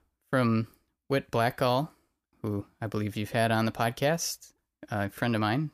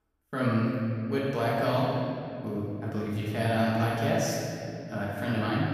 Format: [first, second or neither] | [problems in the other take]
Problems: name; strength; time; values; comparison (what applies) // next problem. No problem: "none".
first | room echo; strong; dies away in 2.8 s // off-mic speech; far